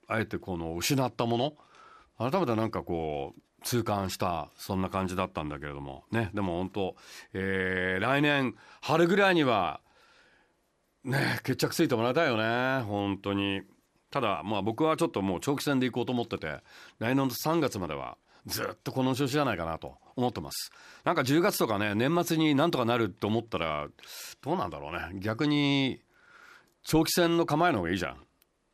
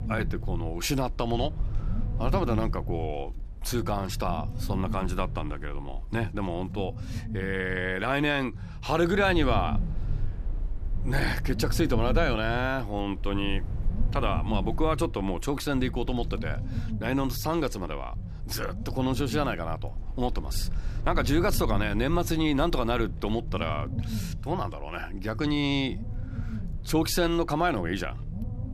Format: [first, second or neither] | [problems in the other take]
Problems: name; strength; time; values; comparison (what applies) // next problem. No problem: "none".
first | low rumble; noticeable; throughout; 15 dB below the speech